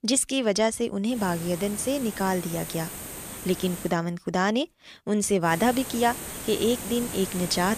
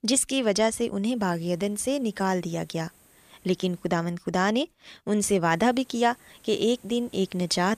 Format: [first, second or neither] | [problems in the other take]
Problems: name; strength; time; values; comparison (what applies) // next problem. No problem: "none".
second | hiss; loud; from 1 to 4 s and from 5.5 s on; 9 dB below the speech; faint in the second